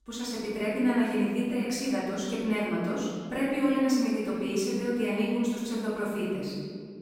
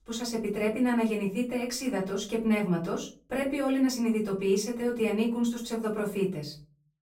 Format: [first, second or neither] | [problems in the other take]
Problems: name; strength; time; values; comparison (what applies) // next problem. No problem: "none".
second | room echo; strong; dies away in 1.7 s; slight in the second // off-mic speech; far; far in the second